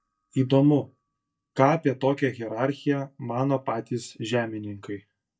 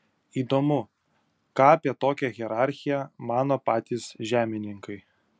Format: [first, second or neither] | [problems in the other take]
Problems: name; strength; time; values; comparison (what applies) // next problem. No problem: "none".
second | noise reduction (neural mask model DeepFilterNet 3)